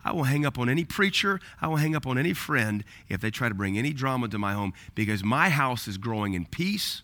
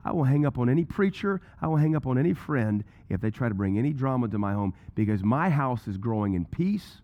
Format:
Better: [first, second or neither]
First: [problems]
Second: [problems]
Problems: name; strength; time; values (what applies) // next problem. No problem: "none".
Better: first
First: none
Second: muffled; very; fading above 1.5 kHz